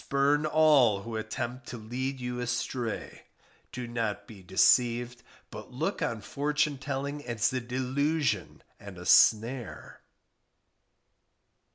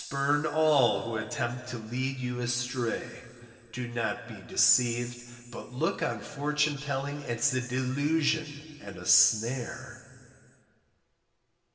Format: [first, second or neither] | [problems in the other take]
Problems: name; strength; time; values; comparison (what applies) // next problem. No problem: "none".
first | room echo; dies away in 2.3 s